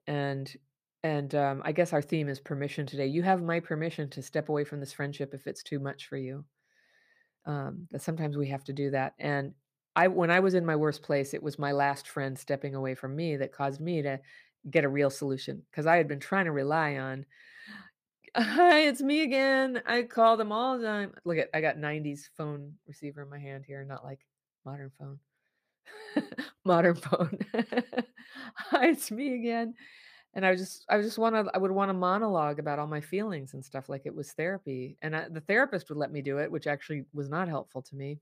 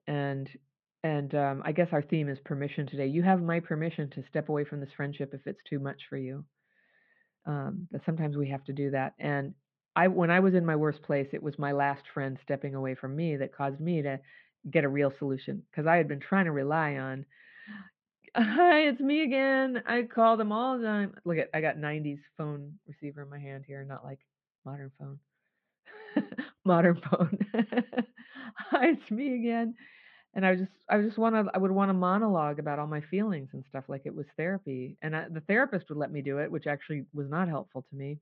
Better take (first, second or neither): first